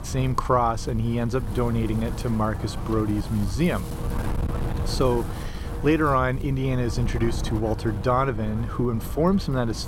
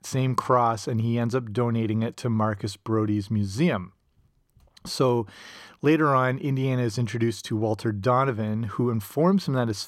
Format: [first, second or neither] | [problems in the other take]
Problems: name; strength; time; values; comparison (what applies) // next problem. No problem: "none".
second | wind noise on the microphone; occasional gusts; 10 dB below the speech